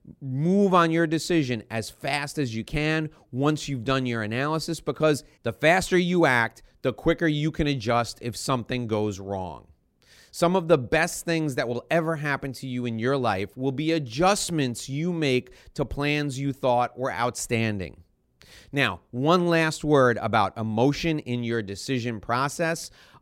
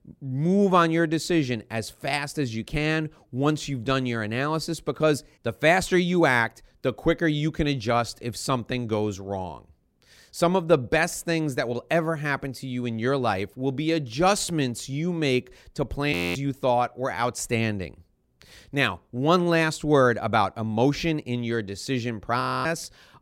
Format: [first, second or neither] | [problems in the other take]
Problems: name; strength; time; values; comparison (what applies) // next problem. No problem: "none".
first | audio freezing; at 16 s and at 22 s